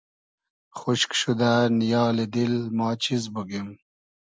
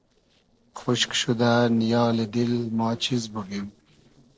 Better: first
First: none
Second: noise reduction (neural separator model SepFormer DNS4)

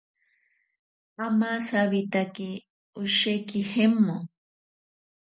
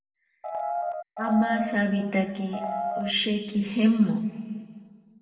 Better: first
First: none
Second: background sound (Piano); 3 dB below the speech // room echo; dies away in 2 s

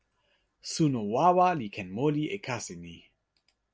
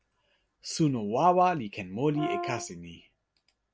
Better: first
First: none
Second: background sound (Brass instrument); 7 dB below the speech

